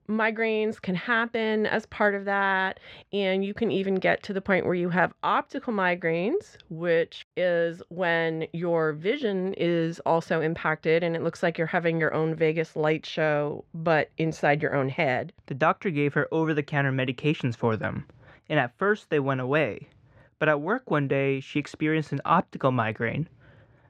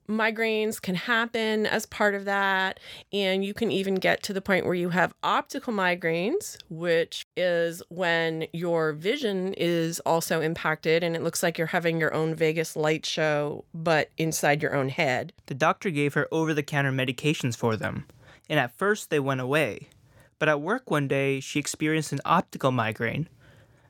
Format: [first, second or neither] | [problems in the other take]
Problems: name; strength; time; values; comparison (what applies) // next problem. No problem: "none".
second | muffled; slightly; fading above 2.5 kHz